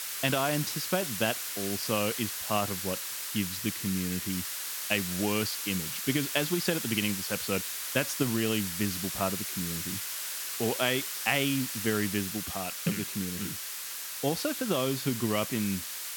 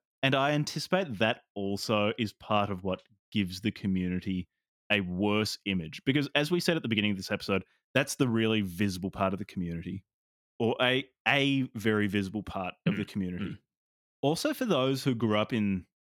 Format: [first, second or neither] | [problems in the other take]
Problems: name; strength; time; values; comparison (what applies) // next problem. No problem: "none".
second | hiss; loud; throughout; 2 dB below the speech